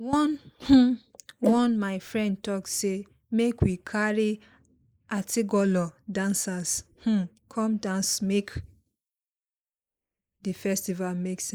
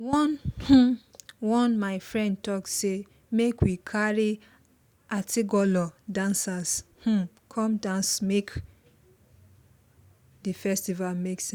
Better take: second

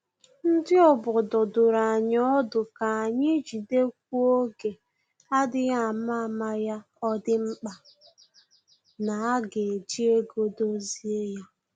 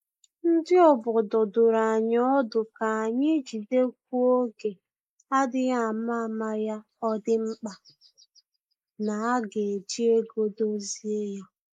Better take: first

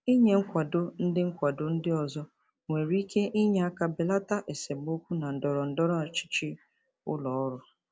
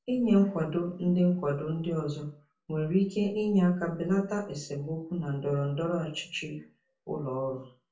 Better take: first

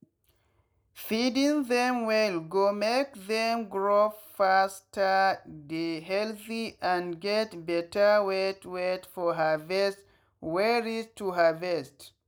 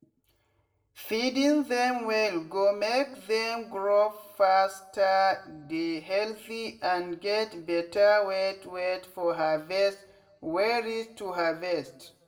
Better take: first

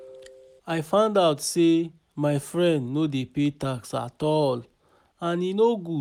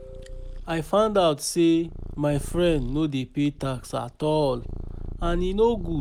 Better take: first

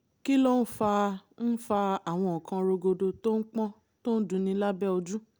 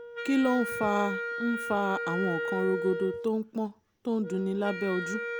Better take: first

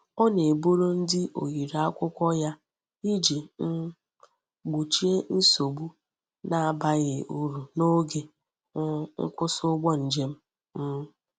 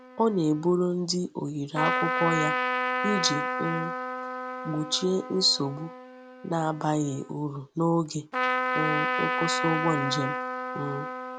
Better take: first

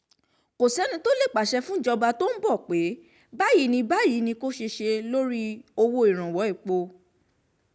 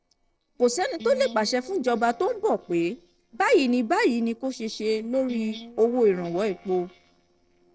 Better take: first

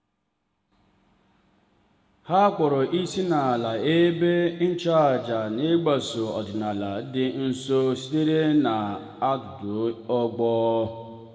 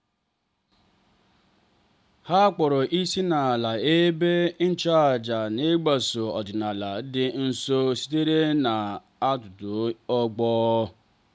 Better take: second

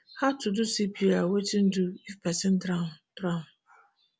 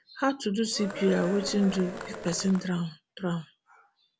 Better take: first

